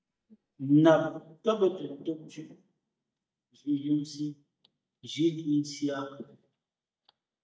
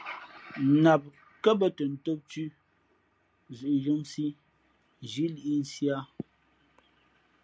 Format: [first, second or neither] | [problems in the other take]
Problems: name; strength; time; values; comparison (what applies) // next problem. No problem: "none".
second | noise reduction (neural mask model DeepFilterNet 3)